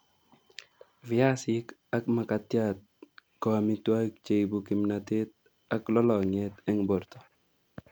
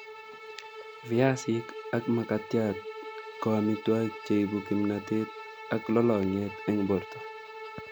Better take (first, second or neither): first